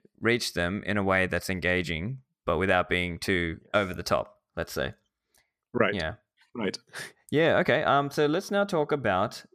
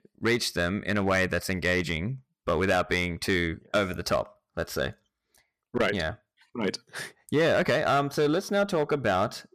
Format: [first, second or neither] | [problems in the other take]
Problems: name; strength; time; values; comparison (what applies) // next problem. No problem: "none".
first | distortion; slight; 4% of the sound clipped